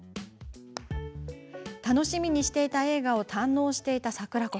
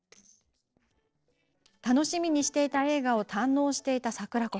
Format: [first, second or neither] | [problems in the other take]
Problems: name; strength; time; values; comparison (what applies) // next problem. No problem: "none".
first | noise reduction (neural separator model SepFormer DNS4)